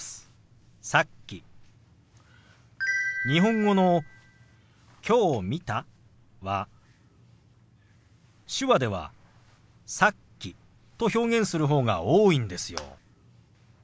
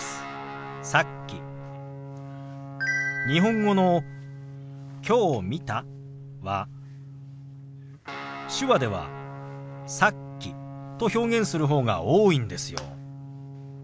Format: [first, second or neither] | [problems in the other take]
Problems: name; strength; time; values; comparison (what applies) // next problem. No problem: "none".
first | background sound (Guitar); 11 dB below the speech